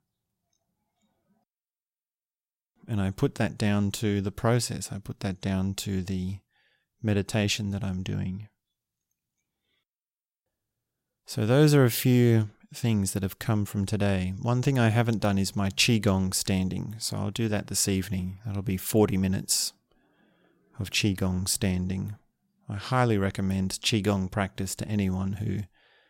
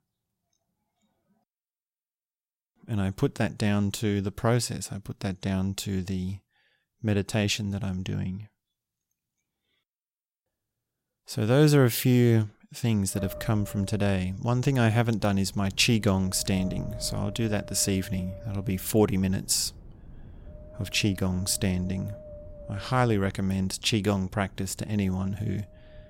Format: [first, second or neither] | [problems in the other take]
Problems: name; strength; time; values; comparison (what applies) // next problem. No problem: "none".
first | wind noise on the microphone; occasional gusts; from 13 s on; 15 dB below the speech